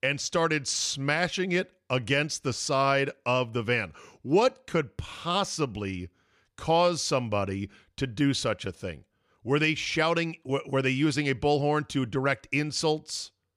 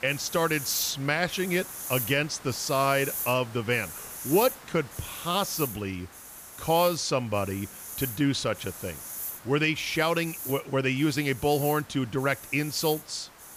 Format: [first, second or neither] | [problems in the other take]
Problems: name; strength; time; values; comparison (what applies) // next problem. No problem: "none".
first | hiss; loud; throughout; 9 dB below the speech